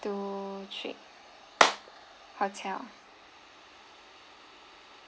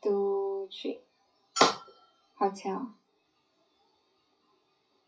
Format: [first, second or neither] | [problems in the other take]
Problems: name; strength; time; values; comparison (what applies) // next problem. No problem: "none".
first | noise reduction (classical method WPE with log-MMSE)